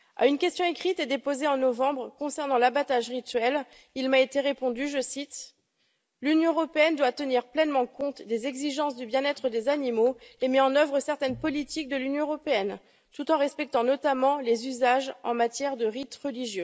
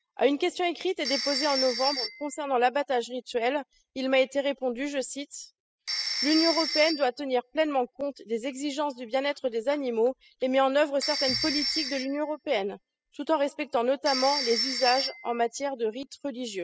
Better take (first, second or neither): first